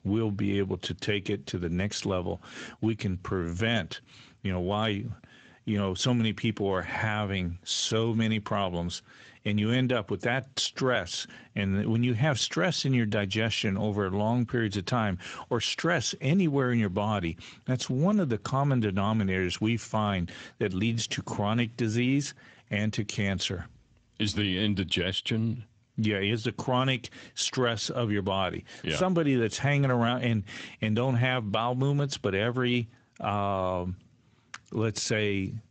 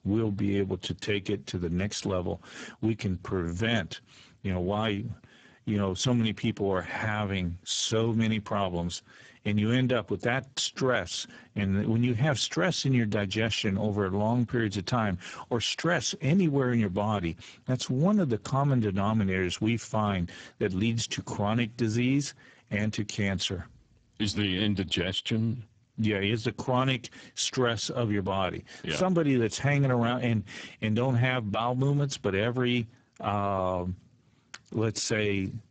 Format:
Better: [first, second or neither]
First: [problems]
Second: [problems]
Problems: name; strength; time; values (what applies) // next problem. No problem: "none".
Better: first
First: garbled, watery; slightly; nothing above 7.5 kHz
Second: garbled, watery; badly; nothing above 7.5 kHz